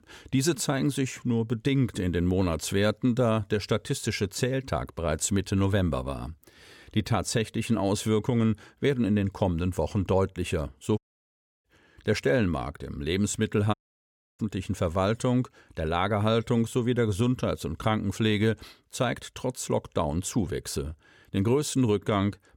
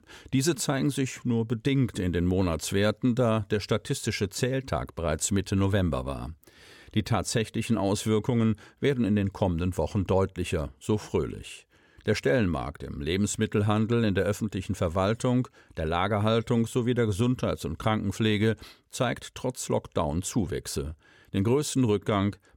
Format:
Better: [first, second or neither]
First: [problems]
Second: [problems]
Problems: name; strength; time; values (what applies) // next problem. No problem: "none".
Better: second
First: audio cutting out; at 11 s for 0.5 s and at 14 s for 0.5 s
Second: none